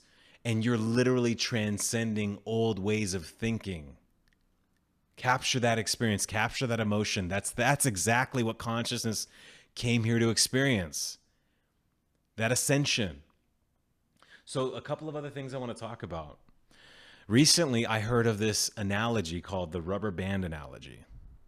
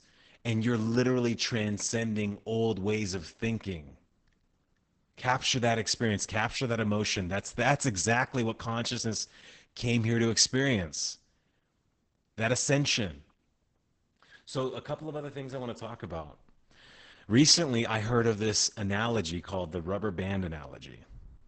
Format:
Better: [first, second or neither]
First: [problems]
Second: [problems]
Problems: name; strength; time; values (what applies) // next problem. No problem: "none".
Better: first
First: none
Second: garbled, watery; badly; nothing above 8 kHz